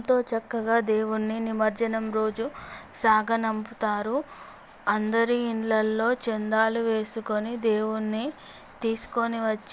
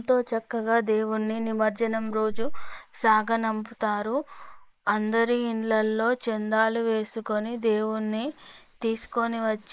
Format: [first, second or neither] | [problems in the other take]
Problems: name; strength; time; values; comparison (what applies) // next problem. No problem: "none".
first | noise reduction (neural mask model Resemble Enhance denoiser)